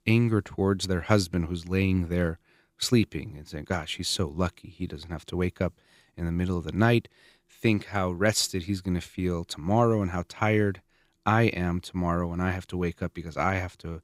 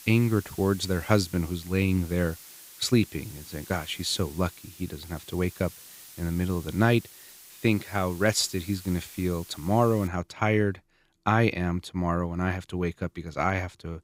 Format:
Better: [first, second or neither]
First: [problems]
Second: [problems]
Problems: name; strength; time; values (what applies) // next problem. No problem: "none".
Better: first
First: none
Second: hiss; noticeable; until 10 s; 15 dB below the speech